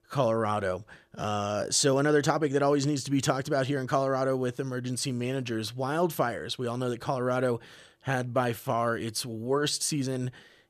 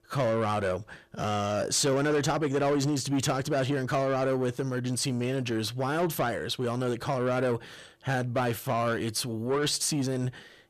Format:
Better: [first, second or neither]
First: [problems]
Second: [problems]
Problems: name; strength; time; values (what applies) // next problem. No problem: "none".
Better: first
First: none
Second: distortion; slight; 10 dB below the speech